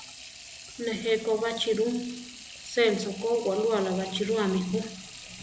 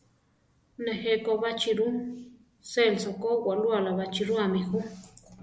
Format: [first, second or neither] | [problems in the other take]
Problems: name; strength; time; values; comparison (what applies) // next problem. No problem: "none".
second | background sound (Sink (filling or washing) / Water tap, faucet); 16 dB below the speech